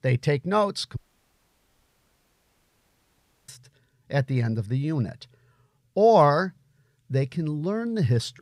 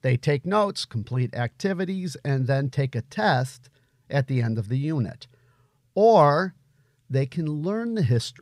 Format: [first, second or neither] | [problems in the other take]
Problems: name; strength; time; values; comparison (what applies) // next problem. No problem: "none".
second | audio cutting out; at 1 s for 2.5 s